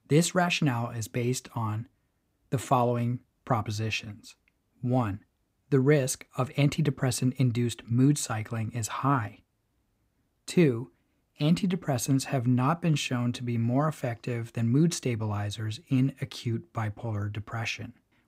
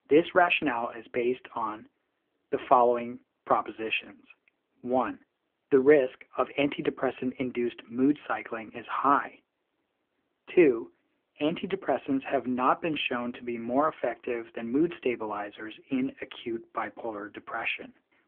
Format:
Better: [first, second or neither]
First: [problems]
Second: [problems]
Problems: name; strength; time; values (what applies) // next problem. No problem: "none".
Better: first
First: none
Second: phone-call audio; nothing above 3 kHz